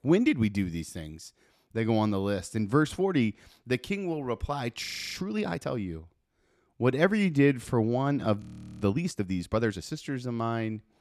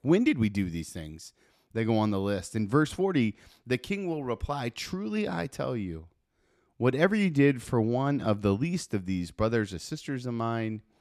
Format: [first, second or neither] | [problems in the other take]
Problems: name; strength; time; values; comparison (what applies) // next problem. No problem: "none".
second | audio freezing; at 5 s and at 8.5 s